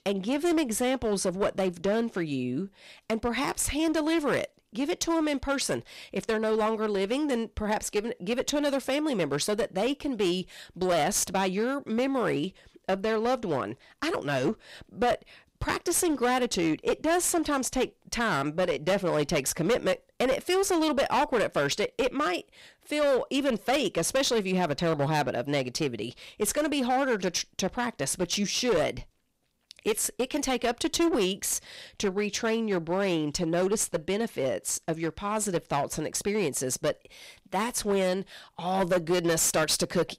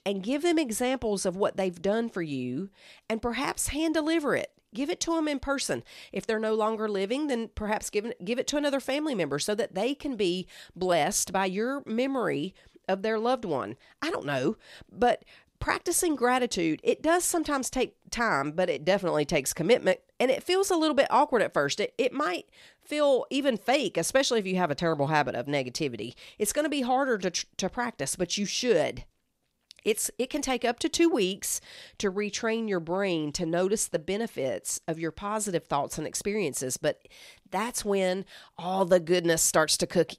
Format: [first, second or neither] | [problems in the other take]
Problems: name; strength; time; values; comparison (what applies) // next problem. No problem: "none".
second | distortion; slight; 9% of the sound clipped